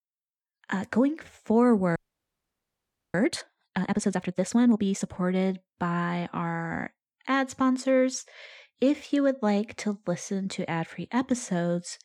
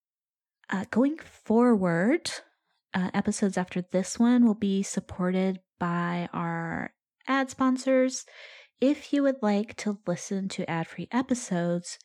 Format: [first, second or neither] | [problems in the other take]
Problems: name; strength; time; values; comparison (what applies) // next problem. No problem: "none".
second | audio freezing; at 2 s for 1 s